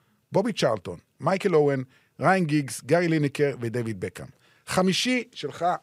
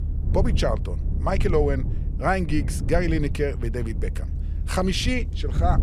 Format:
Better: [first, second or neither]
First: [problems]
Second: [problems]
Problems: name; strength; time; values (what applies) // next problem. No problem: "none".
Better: first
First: none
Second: low rumble; noticeable; throughout; 15 dB below the speech